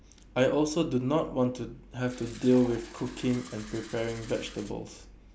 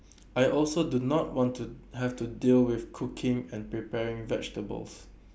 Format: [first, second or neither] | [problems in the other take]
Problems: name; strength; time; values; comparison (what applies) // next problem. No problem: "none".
second | background sound (Fill (with liquid)); 20 dB below the speech